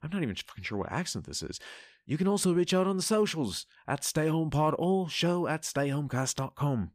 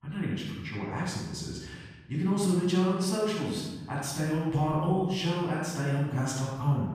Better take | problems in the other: first | off-mic speech; far // room echo; strong; dies away in 1.4 s

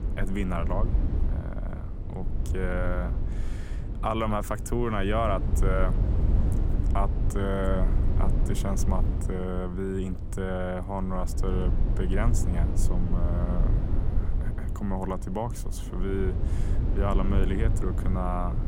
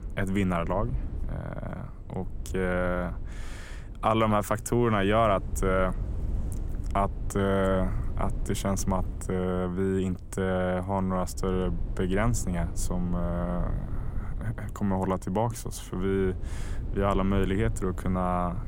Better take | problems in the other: second | low rumble; loud; throughout; 9 dB below the speech; faint in the second

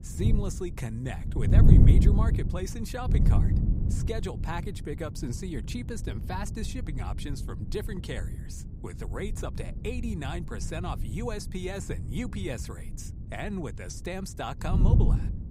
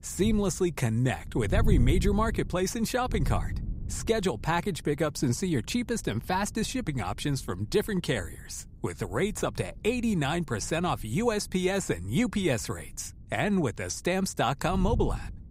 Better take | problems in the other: second | wind noise on the microphone; heavy; 3 dB below the speech; occasional gusts in the second

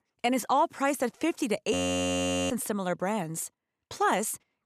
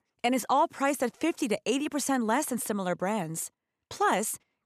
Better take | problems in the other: second | audio freezing; at 1.5 s for 1 s

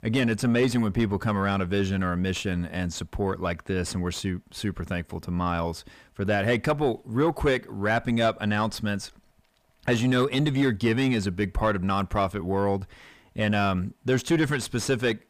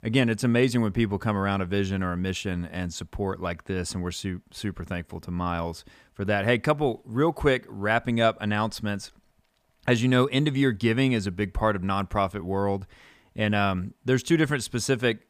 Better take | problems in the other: second | distortion; slight; 10 dB below the speech

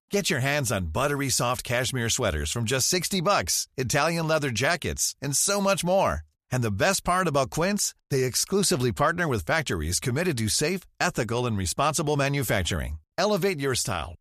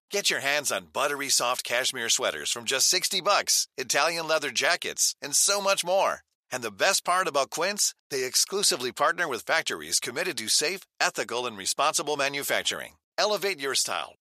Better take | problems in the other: first | thin; very; fading below 450 Hz

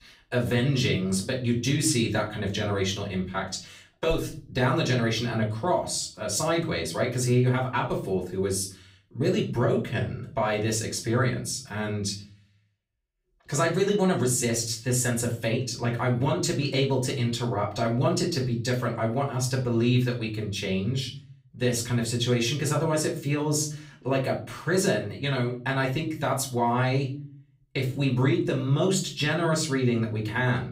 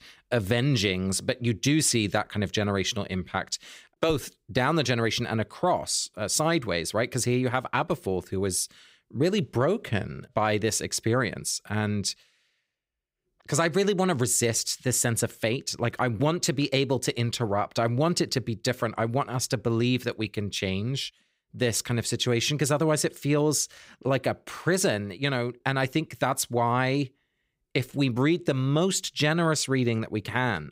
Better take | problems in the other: second | off-mic speech; far // room echo; slight; dies away in 0.4 s

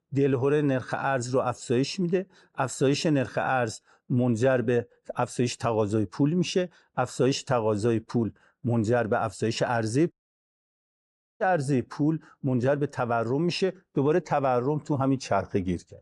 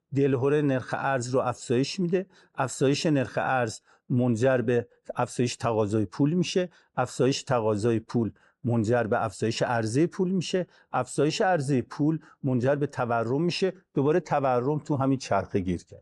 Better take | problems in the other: second | audio cutting out; at 10 s for 1.5 s

